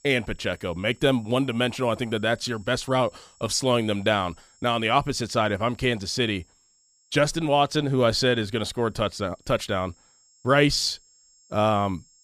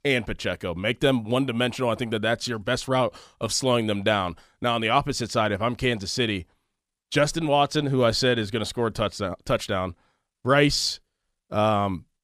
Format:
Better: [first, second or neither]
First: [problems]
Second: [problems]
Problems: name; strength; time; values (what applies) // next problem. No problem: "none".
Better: second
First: high-pitched whine; faint; throughout; 7.5 kHz, 30 dB below the speech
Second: none